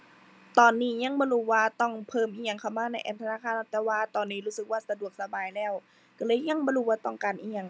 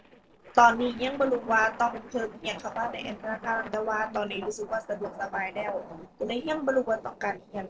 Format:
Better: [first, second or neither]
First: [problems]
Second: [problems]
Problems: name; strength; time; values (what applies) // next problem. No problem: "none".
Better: first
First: none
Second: noise reduction (neural separator model SepFormer DNS4)